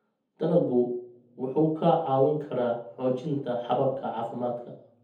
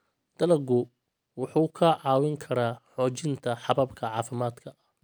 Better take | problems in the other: second | room echo; dies away in 0.6 s

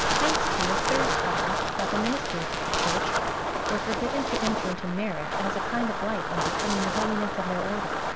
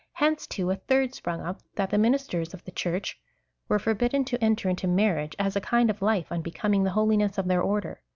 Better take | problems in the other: second | background sound (Wind); 5 dB above the speech

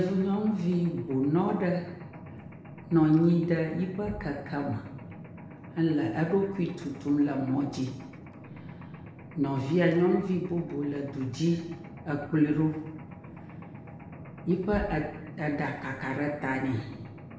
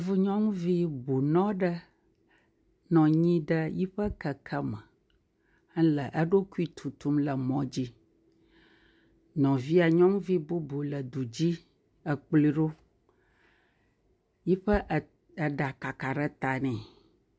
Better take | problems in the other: second | background sound (Mechanisms); 15 dB below the speech // room echo; dies away in 0.8 s

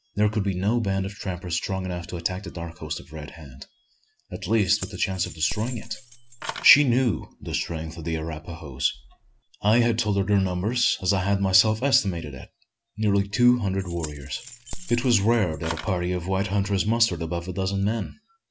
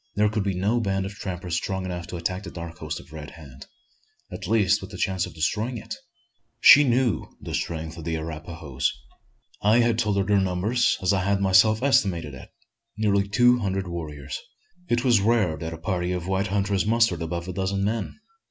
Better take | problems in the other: second | background sound (Keys jangling); 11 dB below the speech

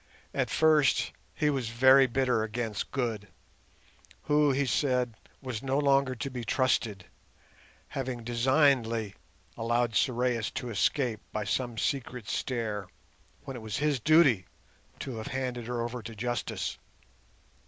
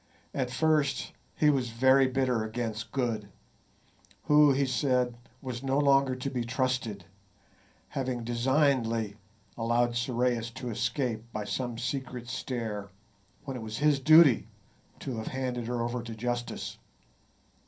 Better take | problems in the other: first | room echo; dies away in 0.3 s

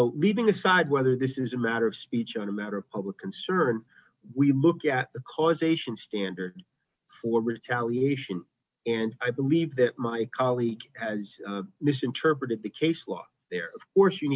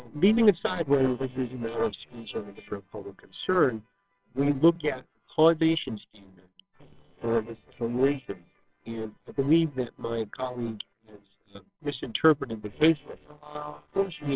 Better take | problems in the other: first | noise reduction (neural separator model SepFormer WHAMR!)

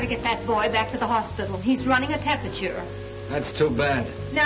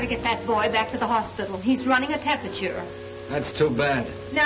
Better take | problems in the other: second | background sound (Bass guitar); 12 dB below the speech

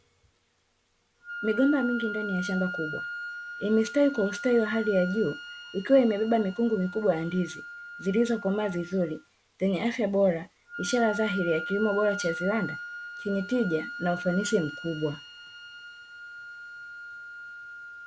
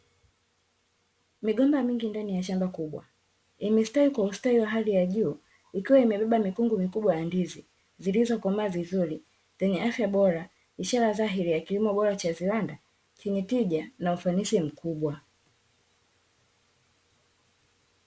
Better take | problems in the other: second | background sound (Wind instrument, woodwind instrument); 11 dB below the speech

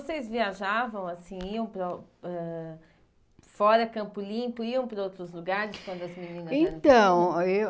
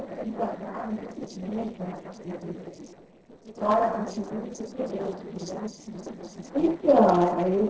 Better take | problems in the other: first | noise reduction (neural separator model SepFormer DNS4)

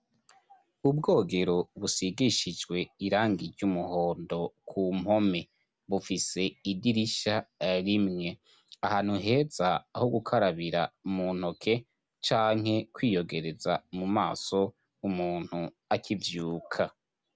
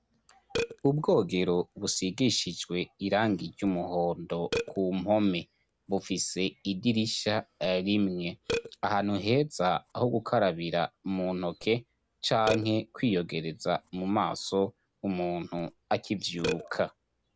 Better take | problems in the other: first | background sound (Burping, eructation); 13 dB below the speech

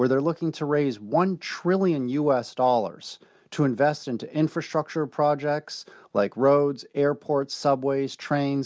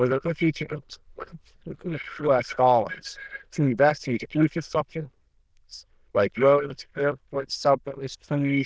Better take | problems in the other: first | noise reduction (neural diffusion model UNIVERSE++)

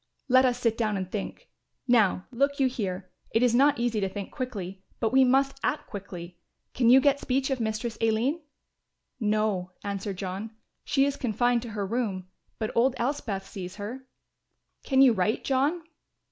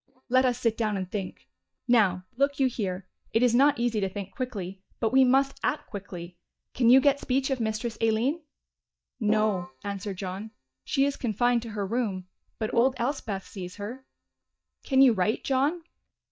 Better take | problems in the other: first | noise reduction (neural mask model DeepFilterNet 3)

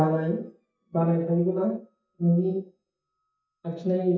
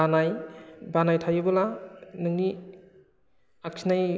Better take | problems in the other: second | noise reduction (neural mask model DeepFilterNet 3)

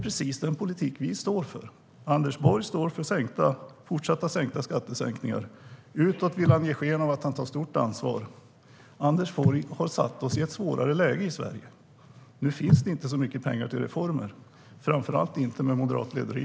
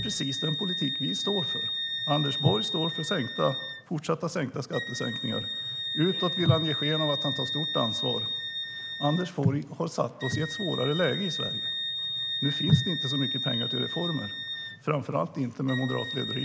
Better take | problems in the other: first | background sound (Wind instrument, woodwind instrument); 4 dB below the speech

